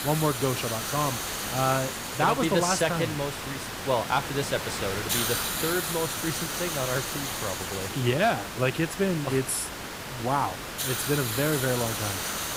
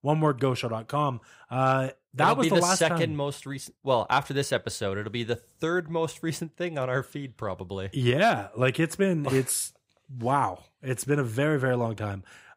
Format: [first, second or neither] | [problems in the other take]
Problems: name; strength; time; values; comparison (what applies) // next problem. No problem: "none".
second | hiss; loud; throughout; 2 dB below the speech